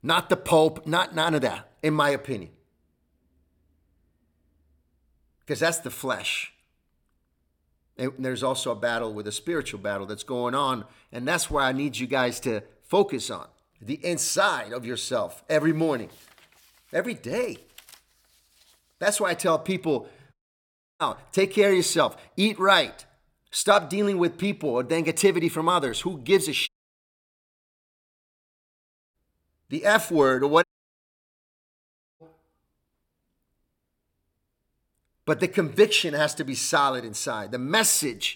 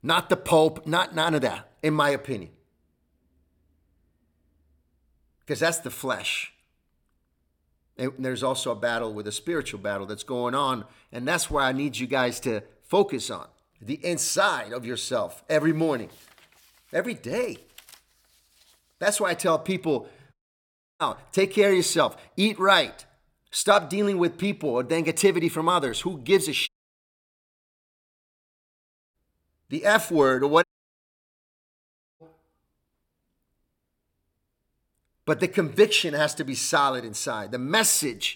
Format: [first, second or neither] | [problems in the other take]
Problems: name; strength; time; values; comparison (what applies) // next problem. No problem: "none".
neither | audio cutting out; at 20 s for 0.5 s, at 27 s for 2.5 s and at 31 s for 1.5 s; the same in both